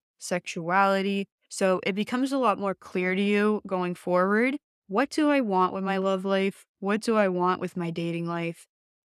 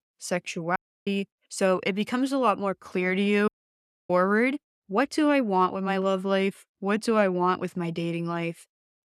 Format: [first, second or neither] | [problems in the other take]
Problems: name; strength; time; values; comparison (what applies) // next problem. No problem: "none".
first | audio cutting out; at 1 s and at 3.5 s for 0.5 s